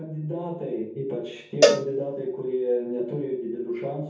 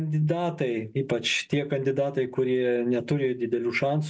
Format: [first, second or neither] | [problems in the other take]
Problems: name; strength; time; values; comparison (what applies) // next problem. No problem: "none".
second | background sound (Cowbell); 3 dB above the speech // room echo; dies away in 0.7 s